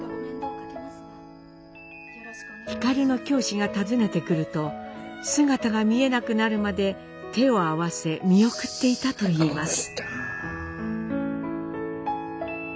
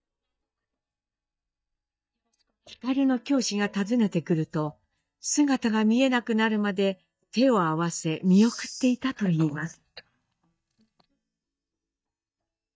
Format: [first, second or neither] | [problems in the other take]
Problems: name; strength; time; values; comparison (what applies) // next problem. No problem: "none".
first | noise reduction (neural mask model DeepFilterNet 3)